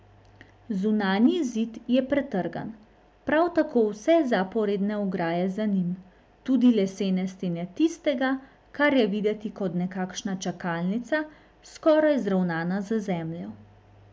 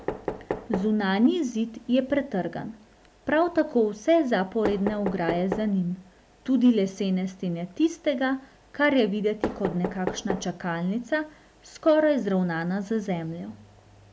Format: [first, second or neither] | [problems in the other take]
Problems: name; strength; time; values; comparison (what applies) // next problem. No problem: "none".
first | background sound (Knock); 12 dB below the speech